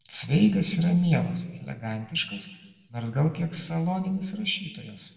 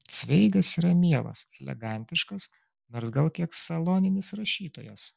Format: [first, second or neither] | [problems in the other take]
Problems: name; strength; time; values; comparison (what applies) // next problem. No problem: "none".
second | room echo; dies away in 1.1 s